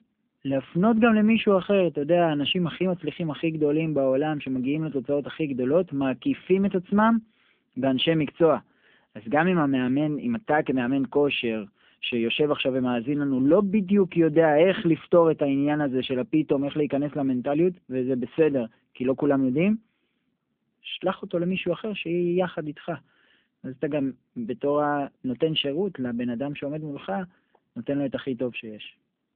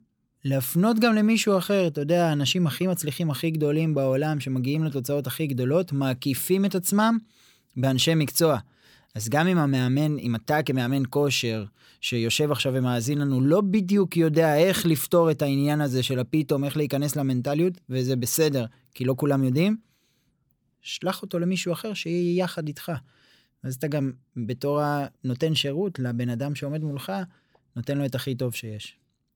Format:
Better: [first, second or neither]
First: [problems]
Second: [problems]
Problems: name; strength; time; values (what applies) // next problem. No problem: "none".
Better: second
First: phone-call audio; nothing above 3.5 kHz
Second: none